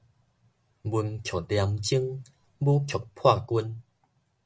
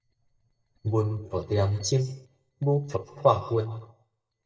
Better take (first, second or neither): first